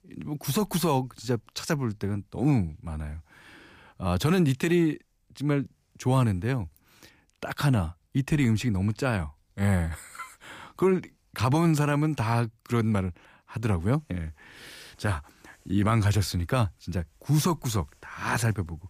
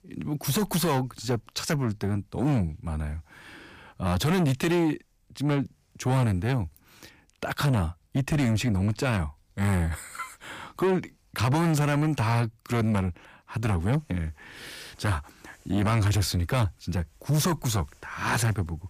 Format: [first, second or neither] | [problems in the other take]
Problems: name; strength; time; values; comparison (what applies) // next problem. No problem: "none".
first | distortion; slight; 10 dB below the speech